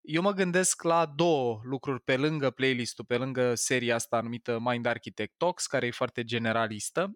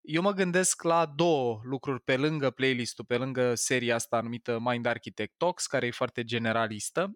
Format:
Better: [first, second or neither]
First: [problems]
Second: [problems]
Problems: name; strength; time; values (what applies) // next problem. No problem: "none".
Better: neither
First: none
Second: none